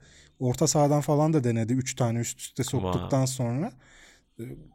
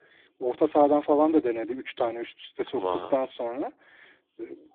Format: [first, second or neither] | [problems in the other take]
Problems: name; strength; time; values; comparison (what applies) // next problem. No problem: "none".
first | phone-call audio; poor line